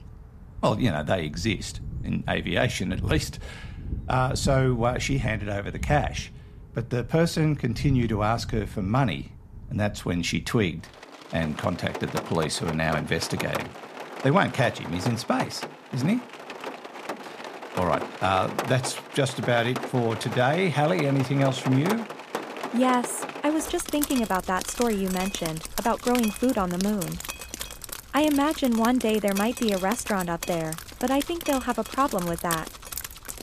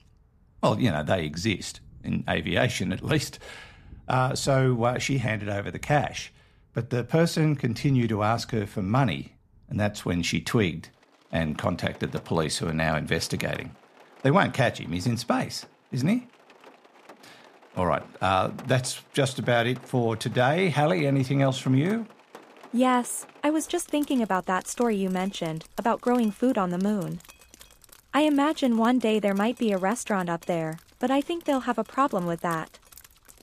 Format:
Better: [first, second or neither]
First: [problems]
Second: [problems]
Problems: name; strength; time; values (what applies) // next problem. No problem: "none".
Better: second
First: rain or running water; loud; throughout; 9 dB below the speech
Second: rain or running water; faint; throughout; 25 dB below the speech